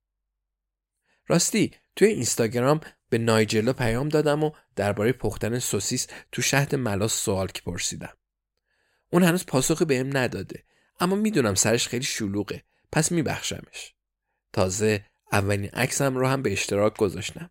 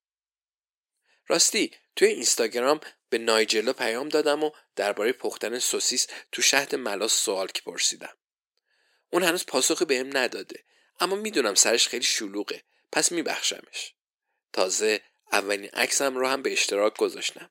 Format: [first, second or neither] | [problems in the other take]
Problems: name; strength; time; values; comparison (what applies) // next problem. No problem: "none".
first | thin; somewhat; fading below 300 Hz